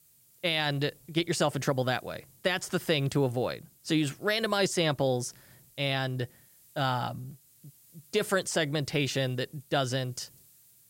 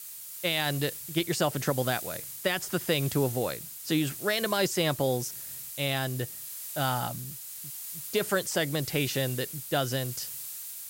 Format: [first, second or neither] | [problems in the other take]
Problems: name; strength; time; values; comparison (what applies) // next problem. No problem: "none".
first | hiss; loud; throughout; 7 dB below the speech; faint in the first